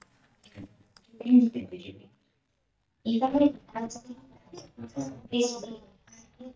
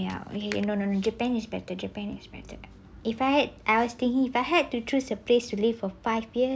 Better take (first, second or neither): second